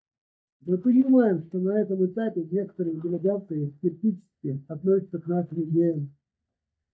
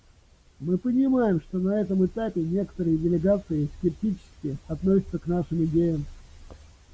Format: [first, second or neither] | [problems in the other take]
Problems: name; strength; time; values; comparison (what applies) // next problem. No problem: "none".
second | noise reduction (neural mask model DeepFilterNet 3)